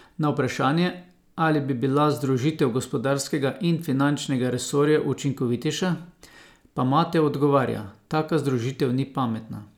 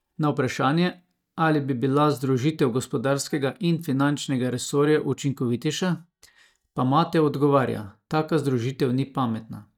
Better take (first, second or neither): first